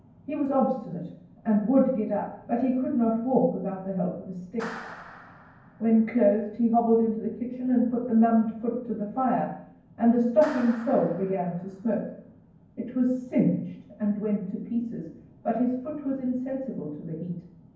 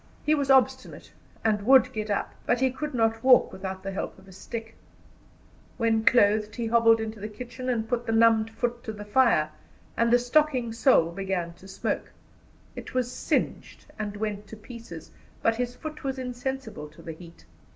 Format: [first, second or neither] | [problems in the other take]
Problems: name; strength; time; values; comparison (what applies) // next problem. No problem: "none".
second | background sound (Clapping); 20 dB below the speech // room echo; dies away in 0.9 s